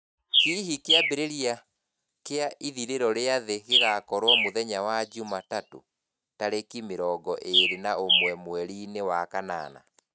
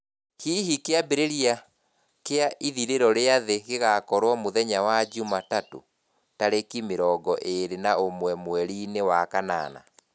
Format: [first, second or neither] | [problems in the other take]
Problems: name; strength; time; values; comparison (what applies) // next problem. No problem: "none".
second | noise reduction (neural mask model RNNoise)